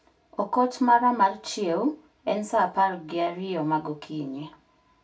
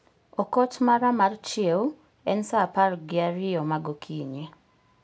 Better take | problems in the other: second | room echo; dies away in 0.2 s

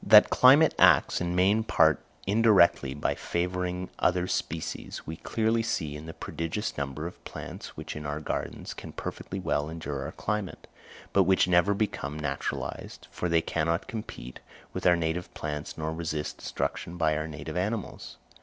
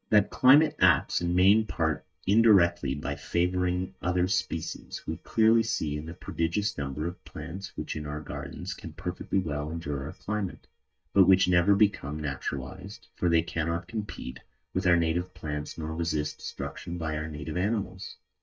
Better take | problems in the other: first | noise reduction (neural mask model DeepFilterNet 3)

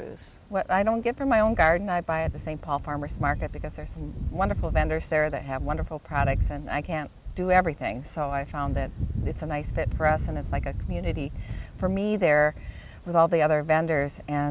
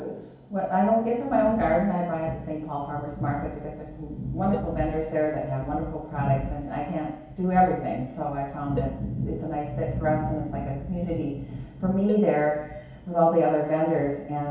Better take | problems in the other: first | background sound (Cowbell); 15 dB below the speech // room echo; dies away in 2.2 s

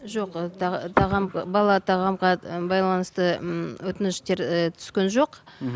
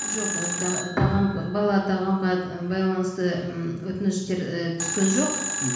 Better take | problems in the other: first | background sound (Telephone); 7 dB below the speech // room echo; dies away in 1.1 s

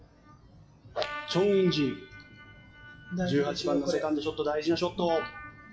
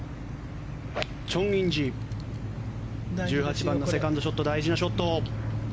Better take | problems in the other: second | noise reduction (classical method WPE with log-MMSE)

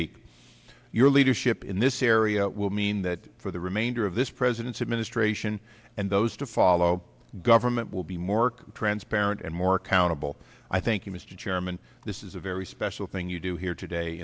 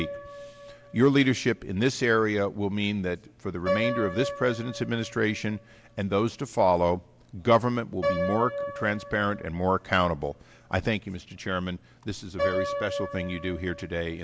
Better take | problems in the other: first | background sound (Piano); 9 dB below the speech

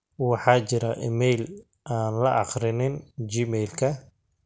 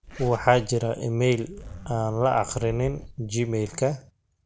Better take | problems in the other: first | background sound (Zipper (clothing)); 16 dB below the speech

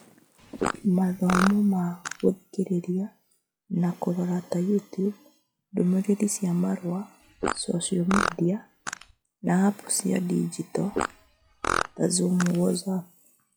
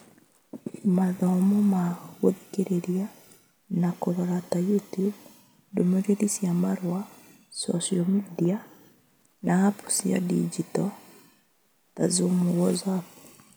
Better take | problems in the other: second | noise reduction (classical method log-MMSE)

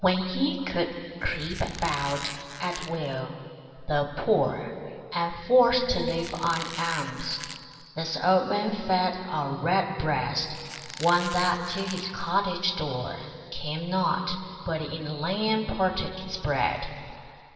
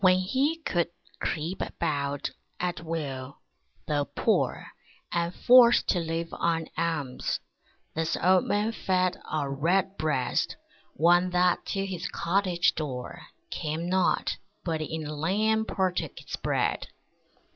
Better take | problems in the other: second | background sound (Squeak); 13 dB below the speech // room echo; dies away in 2.5 s

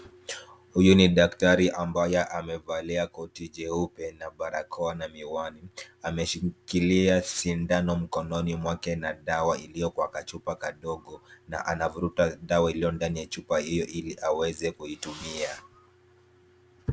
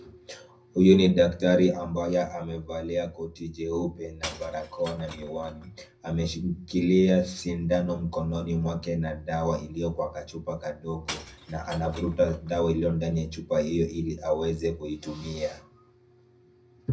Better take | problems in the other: first | background sound (Shatter / Crushing); 18 dB below the speech // room echo; dies away in 0.4 s

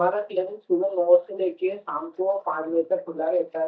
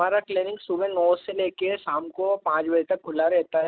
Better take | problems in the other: second | noise reduction (neural mask model DeepFilterNet 3)

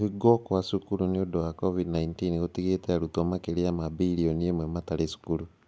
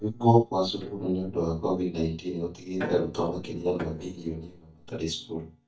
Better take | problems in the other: first | noise reduction (neural mask model DeepFilterNet 3)

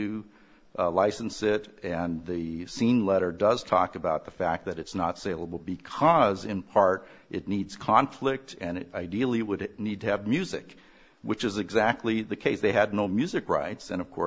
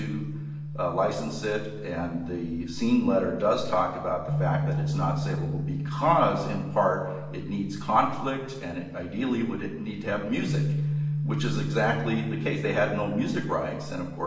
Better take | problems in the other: first | background sound (Bass guitar); 5 dB below the speech // room echo; dies away in 0.9 s

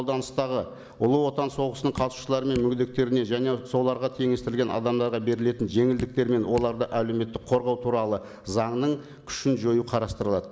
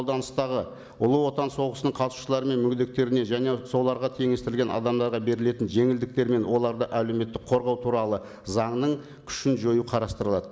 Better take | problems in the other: second | background sound (Drip); 15 dB below the speech

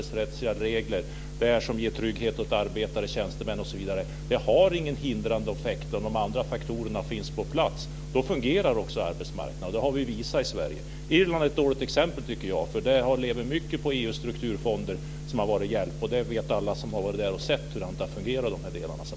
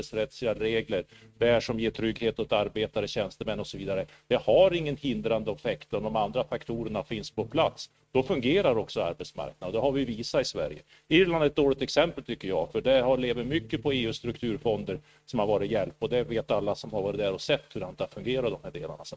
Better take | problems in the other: first | noise reduction (neural mask model RNNoise)

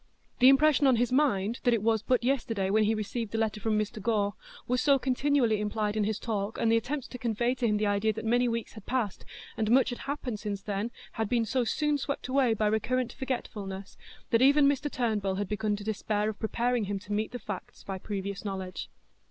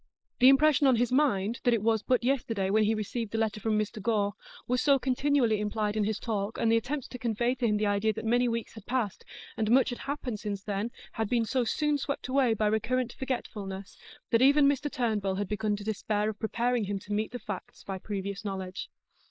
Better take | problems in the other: first | noise reduction (neural mask model Resemble Enhance denoiser)

